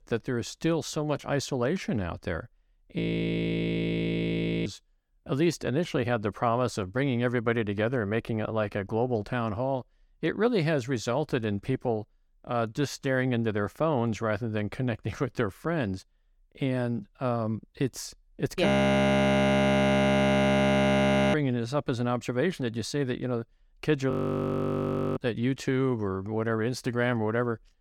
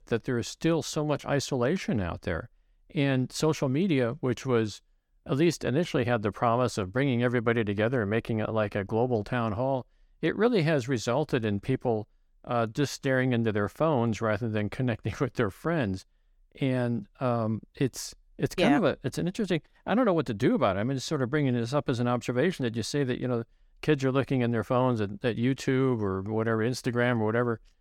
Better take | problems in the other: second | audio freezing; at 3 s for 1.5 s, at 19 s for 2.5 s and at 24 s for 1 s

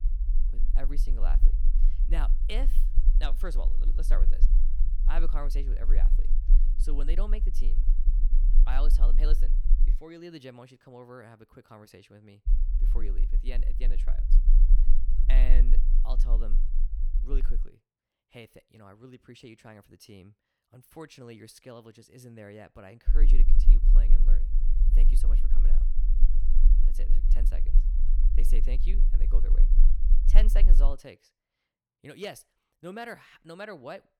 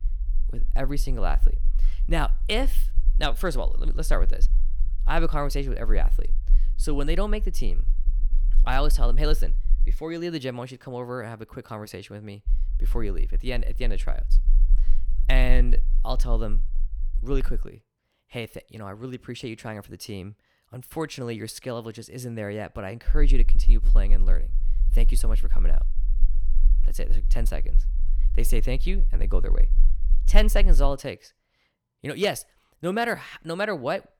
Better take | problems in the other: second | low rumble; loud; until 10 s, from 12 to 18 s and from 23 to 31 s; 10 dB below the speech; faint in the second

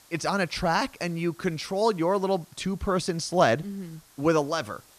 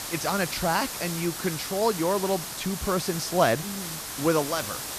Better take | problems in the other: first | hiss; loud; throughout; 6 dB below the speech; faint in the first

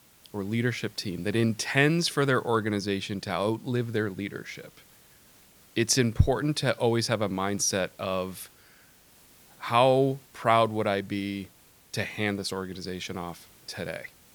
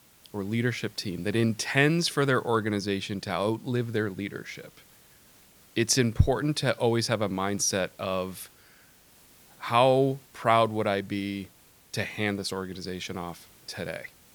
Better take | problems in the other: neither | hiss; faint; throughout; 25 dB below the speech; the same in both

